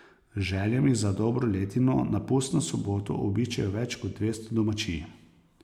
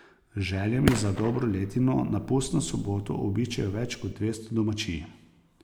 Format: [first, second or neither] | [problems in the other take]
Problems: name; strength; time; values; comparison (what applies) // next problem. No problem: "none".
first | background sound (Fireworks); 7 dB below the speech